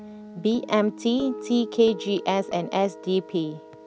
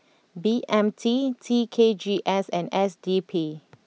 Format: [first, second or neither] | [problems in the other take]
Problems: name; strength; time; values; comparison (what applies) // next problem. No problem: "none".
second | background sound (Guitar); 14 dB below the speech